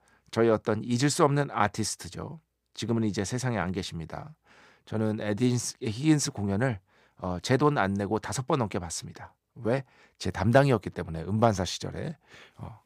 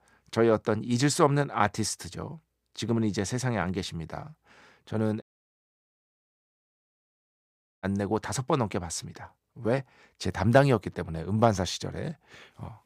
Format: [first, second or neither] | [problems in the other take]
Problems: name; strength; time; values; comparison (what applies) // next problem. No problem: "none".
first | audio cutting out; at 5 s for 2.5 s